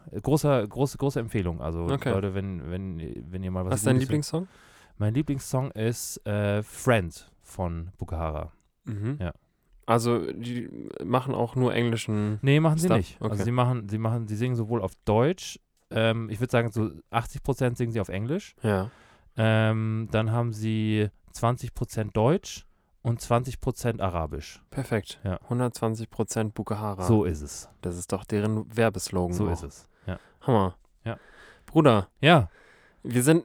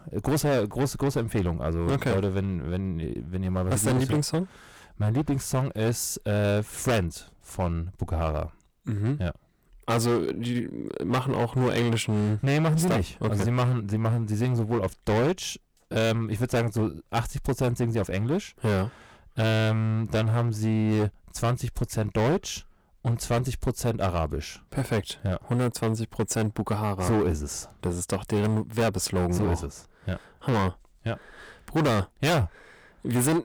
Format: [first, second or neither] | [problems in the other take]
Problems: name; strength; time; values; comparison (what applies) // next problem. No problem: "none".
first | distortion; heavy; 13% of the sound clipped